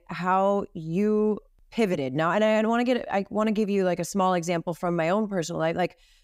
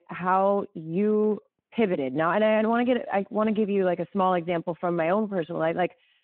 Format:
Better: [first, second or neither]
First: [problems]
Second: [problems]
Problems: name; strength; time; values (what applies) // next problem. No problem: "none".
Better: first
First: none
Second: phone-call audio